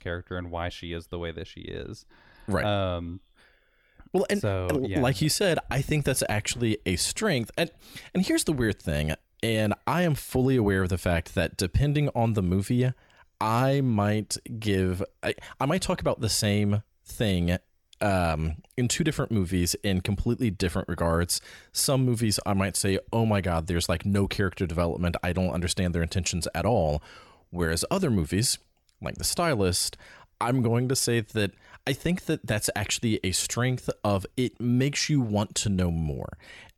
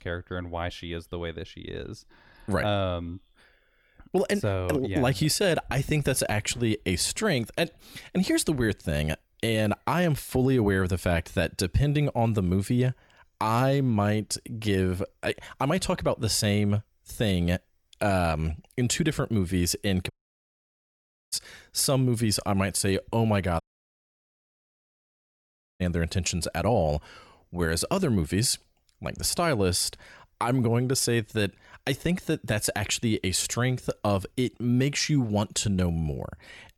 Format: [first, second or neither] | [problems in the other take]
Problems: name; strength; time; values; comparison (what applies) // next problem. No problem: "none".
first | audio cutting out; at 20 s for 1 s and at 24 s for 2 s